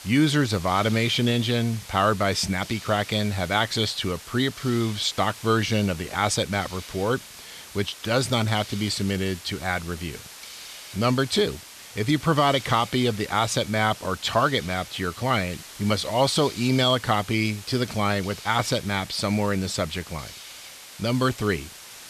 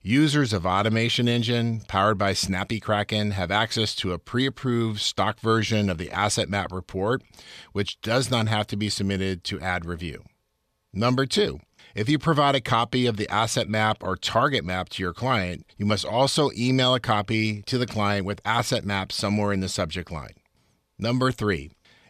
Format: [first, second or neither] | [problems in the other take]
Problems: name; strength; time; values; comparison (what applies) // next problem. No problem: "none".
second | hiss; noticeable; throughout; 15 dB below the speech